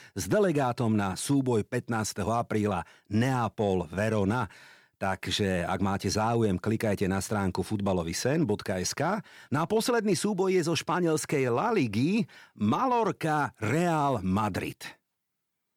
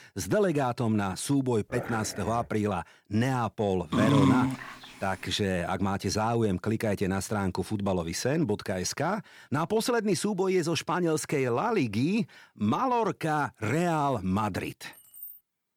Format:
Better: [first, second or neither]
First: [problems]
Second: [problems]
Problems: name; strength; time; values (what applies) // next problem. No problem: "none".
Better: first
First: none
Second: dog barking; noticeable; at 1.5 s; peak 9 dB below the speech // dog barking; loud; at 4 s; peak 6 dB above the speech // jangling keys; faint; at 15 s; peak 15 dB below the speech